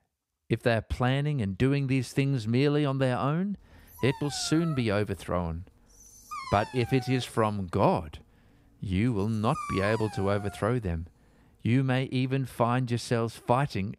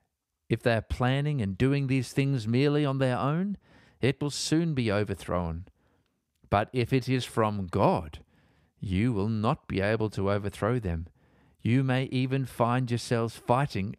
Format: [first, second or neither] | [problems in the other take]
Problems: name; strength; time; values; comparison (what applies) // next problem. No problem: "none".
second | dog barking; noticeable; from 3.5 to 11 s; peak 8 dB below the speech